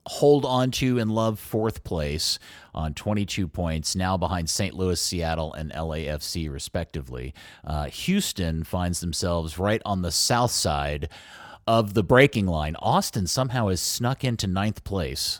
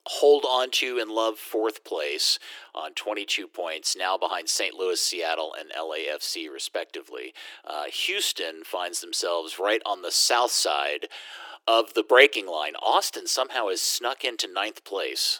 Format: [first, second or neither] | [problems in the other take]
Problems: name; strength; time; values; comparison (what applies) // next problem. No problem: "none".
first | thin; very; fading below 300 Hz